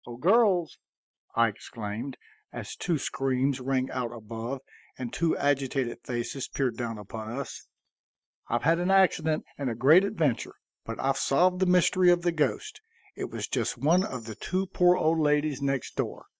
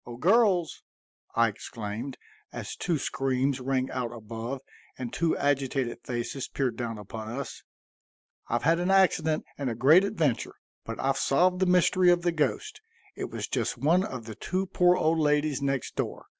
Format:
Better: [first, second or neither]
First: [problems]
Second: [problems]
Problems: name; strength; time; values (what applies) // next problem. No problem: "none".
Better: second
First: noise reduction (neural mask model DeepFilterNet 3)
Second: none